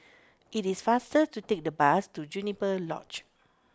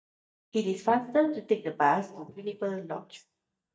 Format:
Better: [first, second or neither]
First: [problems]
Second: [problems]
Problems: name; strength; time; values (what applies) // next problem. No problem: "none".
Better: first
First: none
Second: noise reduction (neural mask model DeepFilterNet 3)